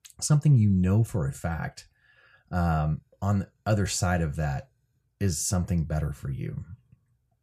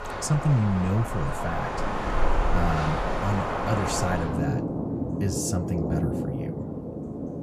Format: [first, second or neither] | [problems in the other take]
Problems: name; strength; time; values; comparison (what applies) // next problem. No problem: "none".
first | rain or running water; loud; throughout; 1 dB below the speech